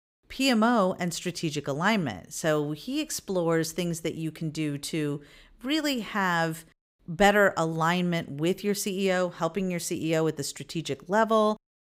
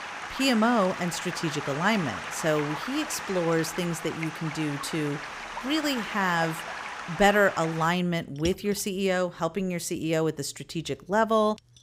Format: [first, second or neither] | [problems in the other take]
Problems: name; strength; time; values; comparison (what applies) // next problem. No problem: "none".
first | rain or running water; loud; throughout; 8 dB below the speech